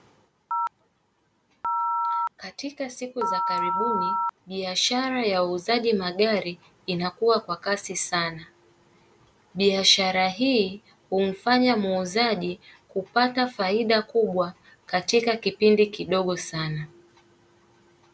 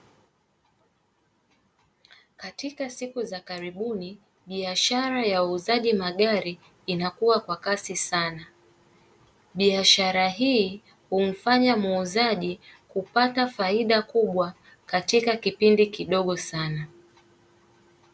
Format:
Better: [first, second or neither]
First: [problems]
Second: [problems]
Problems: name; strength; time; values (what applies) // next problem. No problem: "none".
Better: second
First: background sound (Telephone); 2 dB below the speech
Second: none